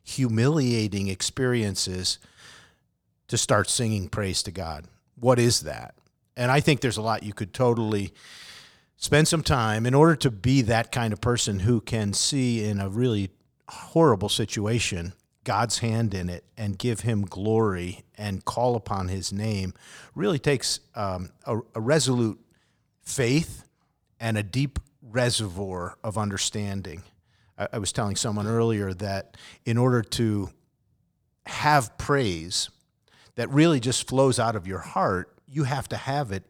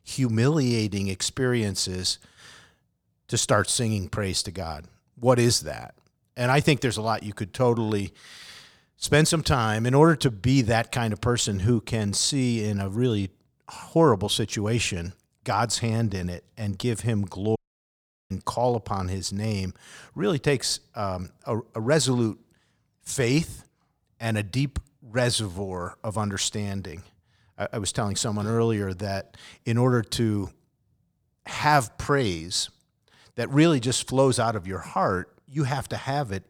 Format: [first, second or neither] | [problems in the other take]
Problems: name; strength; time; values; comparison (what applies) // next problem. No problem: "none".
first | audio cutting out; at 18 s for 0.5 s